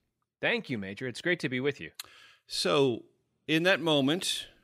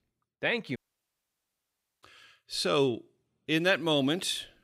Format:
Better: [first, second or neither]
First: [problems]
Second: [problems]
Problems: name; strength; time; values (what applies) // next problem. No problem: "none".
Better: first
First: none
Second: audio cutting out; at 1 s for 1.5 s